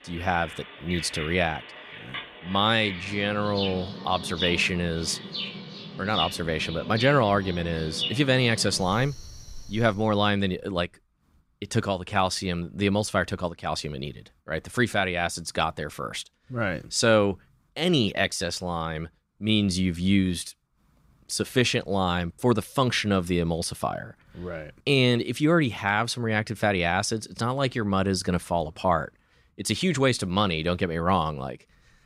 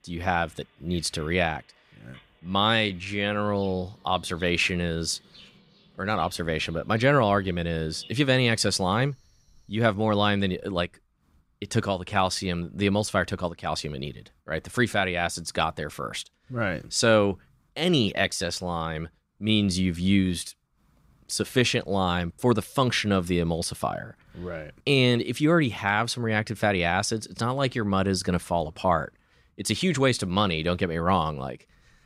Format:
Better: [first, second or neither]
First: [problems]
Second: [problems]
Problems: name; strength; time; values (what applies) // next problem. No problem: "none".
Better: second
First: animal sounds; loud; until 10 s; 9 dB below the speech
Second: animal sounds; faint; until 10 s; 25 dB below the speech